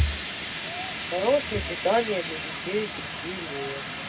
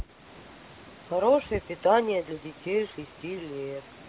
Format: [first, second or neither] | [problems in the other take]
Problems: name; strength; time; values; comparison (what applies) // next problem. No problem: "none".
second | background sound (Fire); 5 dB below the speech // room echo; dies away in 0.4 s